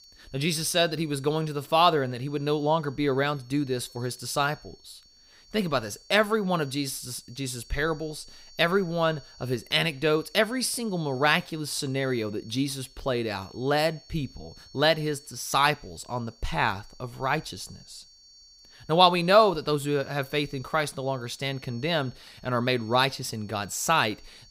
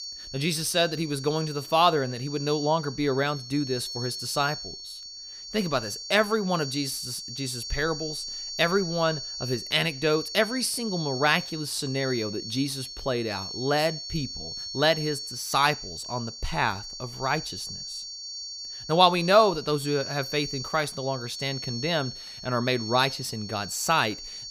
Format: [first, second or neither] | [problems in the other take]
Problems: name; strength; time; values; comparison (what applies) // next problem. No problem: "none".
first | high-pitched whine; loud; throughout; 4.5 kHz, 8 dB below the speech; faint in the first